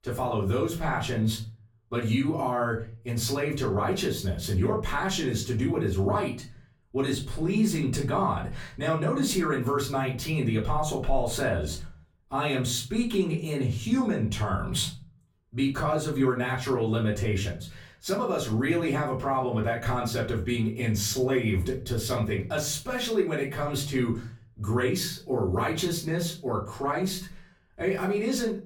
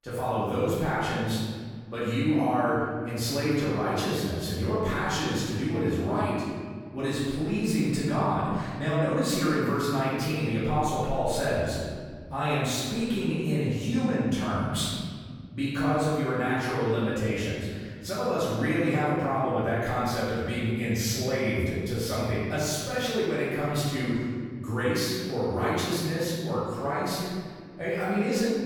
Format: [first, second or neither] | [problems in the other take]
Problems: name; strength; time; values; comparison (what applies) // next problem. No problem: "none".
first | room echo; strong; dies away in 1.9 s; slight in the first // off-mic speech; far; far in the first